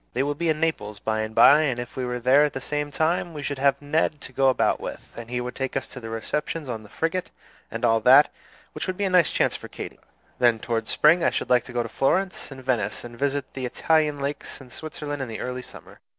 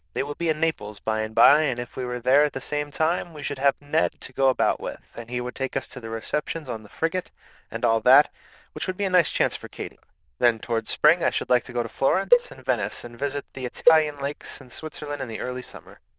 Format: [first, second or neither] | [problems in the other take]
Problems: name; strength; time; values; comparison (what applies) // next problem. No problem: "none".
first | noise reduction (neural diffusion model UNIVERSE++)